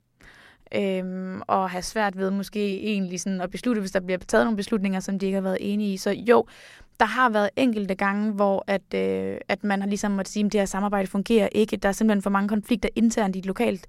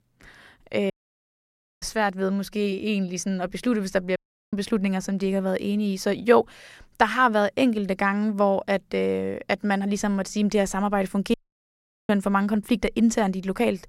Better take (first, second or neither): first